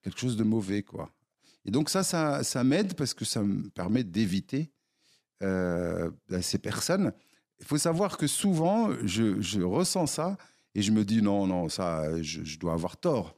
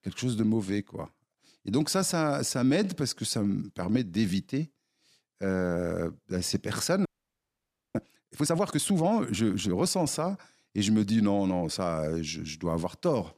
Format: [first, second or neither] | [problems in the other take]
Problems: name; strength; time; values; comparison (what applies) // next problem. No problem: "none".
first | audio freezing; at 7 s for 1 s